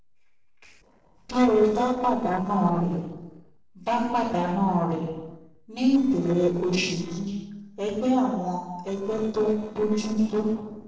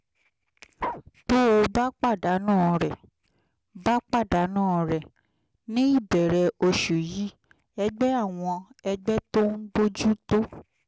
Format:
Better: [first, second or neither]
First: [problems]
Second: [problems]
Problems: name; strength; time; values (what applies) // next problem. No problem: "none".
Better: second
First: noise reduction (neural separator model SepFormer DNS4)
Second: none